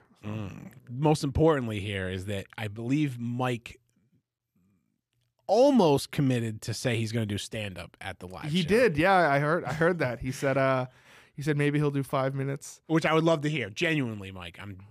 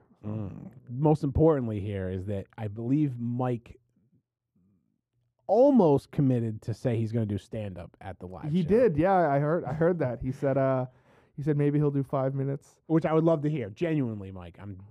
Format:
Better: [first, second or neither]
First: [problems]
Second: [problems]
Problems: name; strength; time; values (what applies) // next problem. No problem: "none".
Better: first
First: none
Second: muffled; very; fading above 1.5 kHz